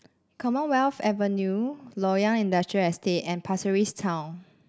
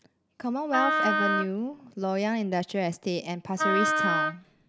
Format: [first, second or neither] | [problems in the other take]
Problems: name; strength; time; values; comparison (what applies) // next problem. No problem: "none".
first | background sound (Wind instrument, woodwind instrument); 3 dB above the speech